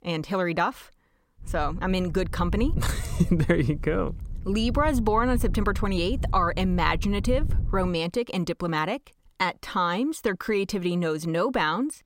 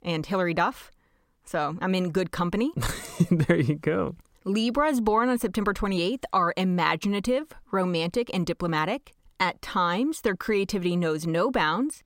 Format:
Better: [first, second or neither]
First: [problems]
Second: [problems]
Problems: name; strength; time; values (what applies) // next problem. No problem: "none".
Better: second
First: wind noise on the microphone; occasional gusts; from 1.5 to 8 s; 20 dB below the speech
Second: none